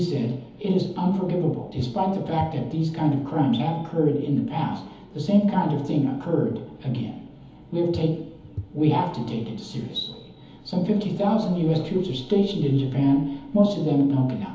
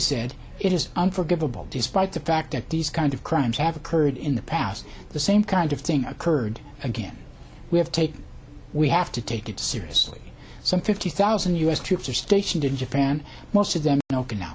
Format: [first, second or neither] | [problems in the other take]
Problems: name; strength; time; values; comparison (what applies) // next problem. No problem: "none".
second | background sound (Walk, footsteps / Bird vocalization, bird call, bird song); 17 dB below the speech // room echo; dies away in 1.3 s